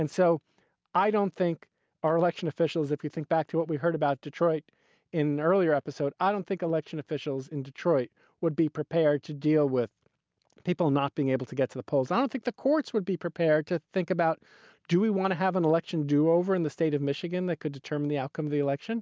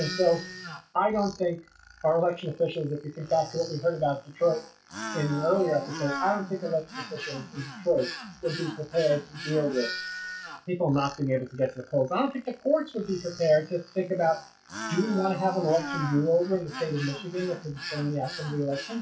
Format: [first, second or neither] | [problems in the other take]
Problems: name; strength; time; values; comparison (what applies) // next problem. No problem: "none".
first | noise reduction (classical method WPE with log-MMSE)